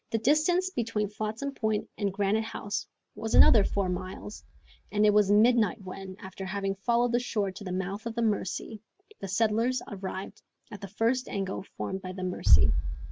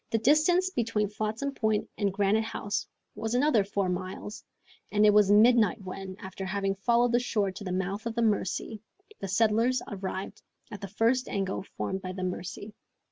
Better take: second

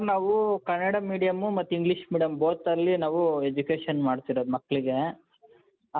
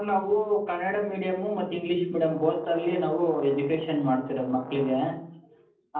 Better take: first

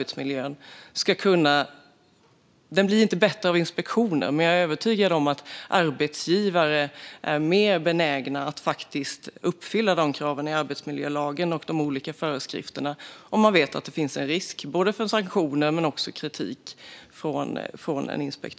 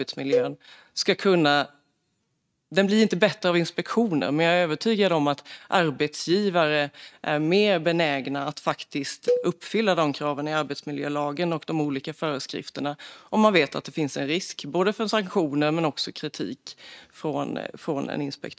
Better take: first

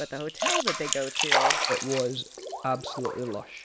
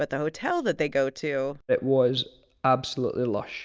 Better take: second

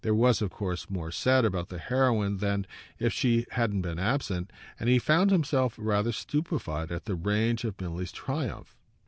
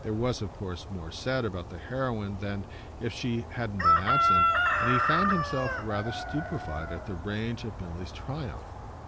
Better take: first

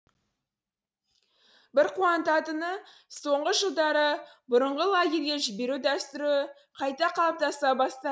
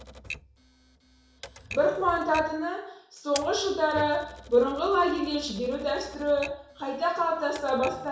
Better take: first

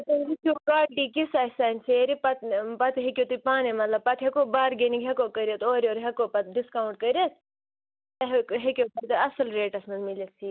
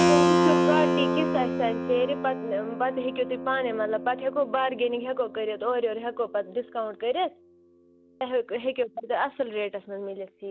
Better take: first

